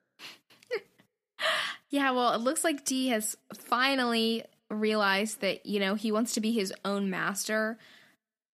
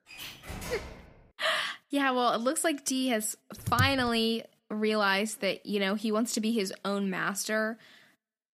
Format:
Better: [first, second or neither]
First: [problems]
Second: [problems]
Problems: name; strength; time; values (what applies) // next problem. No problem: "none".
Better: first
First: none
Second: door banging; faint; until 1 s; peak 10 dB below the speech // keyboard typing; noticeable; at 3.5 s; peak 3 dB below the speech